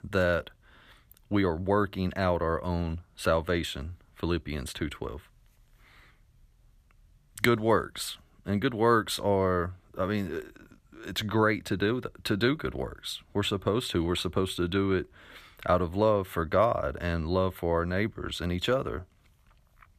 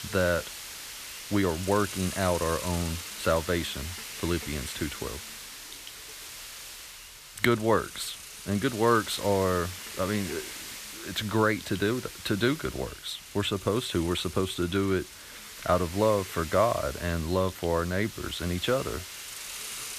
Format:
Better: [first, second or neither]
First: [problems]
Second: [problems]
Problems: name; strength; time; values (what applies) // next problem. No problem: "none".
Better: first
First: none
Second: hiss; noticeable; throughout; 10 dB below the speech